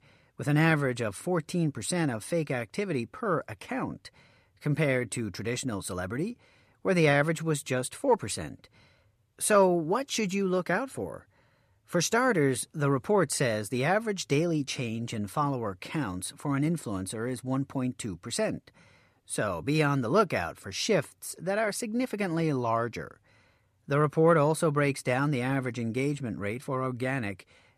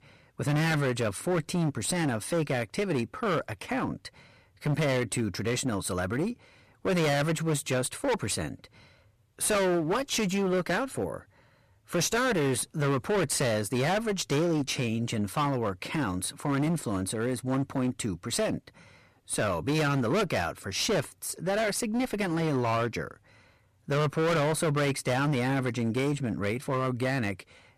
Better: first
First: none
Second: distortion; heavy; 19% of the sound clipped

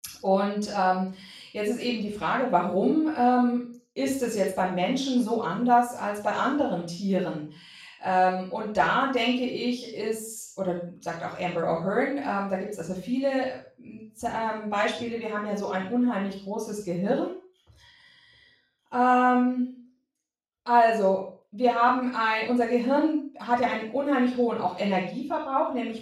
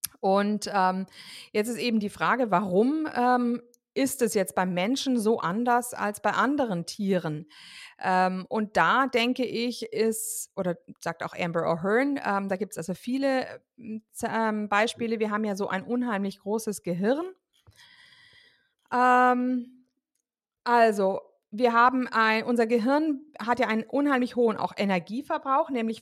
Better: second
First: room echo; noticeable; dies away in 0.4 s // off-mic speech; far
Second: none

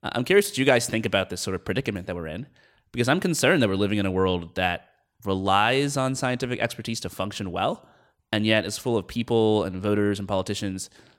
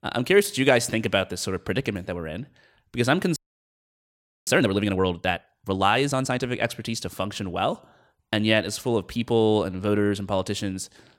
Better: first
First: none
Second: audio freezing; at 3.5 s for 1 s

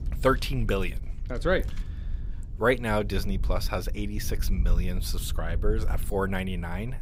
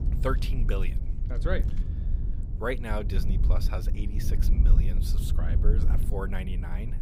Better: first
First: low rumble; faint; throughout; 20 dB below the speech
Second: low rumble; loud; throughout; 8 dB below the speech

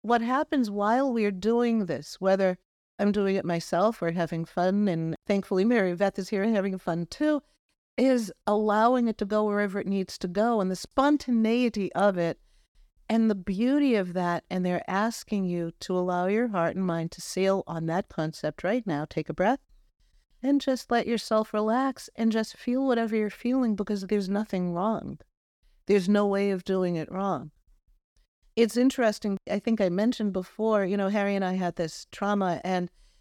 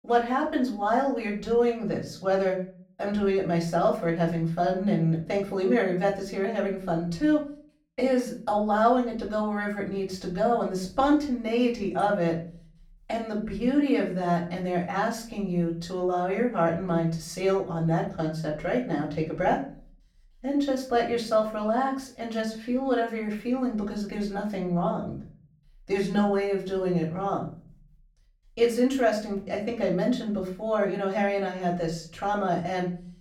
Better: first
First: none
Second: off-mic speech; far // room echo; slight; dies away in 0.4 s

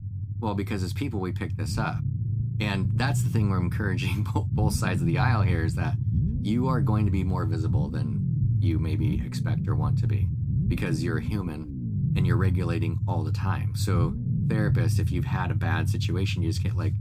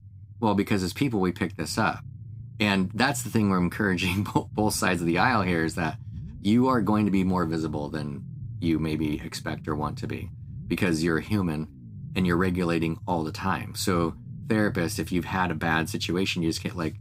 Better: second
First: low rumble; loud; throughout; 6 dB below the speech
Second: low rumble; faint; throughout; 25 dB below the speech

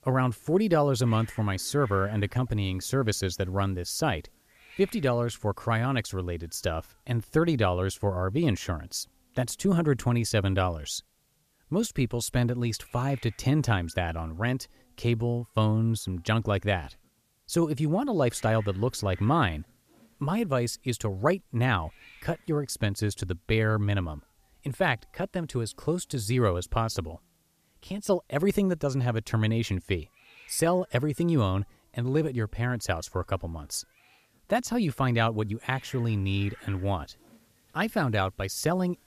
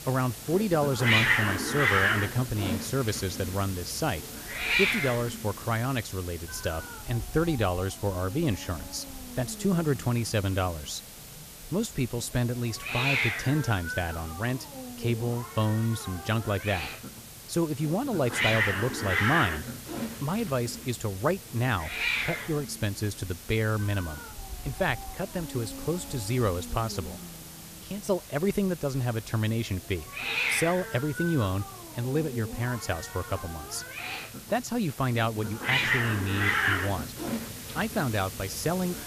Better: first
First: hiss; faint; throughout; 30 dB below the speech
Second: hiss; loud; throughout; 2 dB below the speech

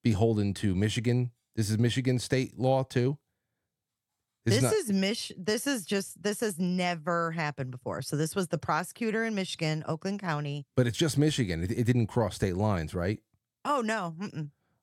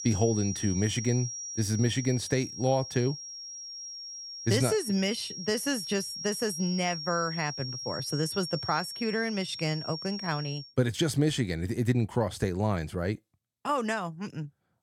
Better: first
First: none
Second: high-pitched whine; loud; until 11 s; 5.5 kHz, 7 dB below the speech

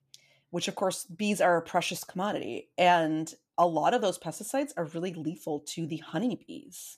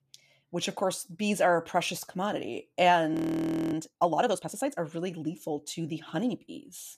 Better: first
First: none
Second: audio freezing; at 3 s for 0.5 s

